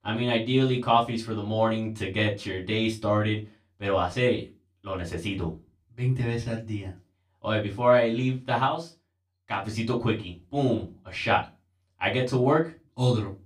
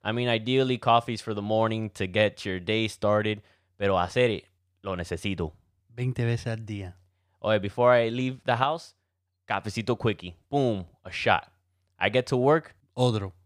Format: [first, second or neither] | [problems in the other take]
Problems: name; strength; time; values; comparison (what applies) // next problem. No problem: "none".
second | off-mic speech; far // room echo; very slight; dies away in 0.2 s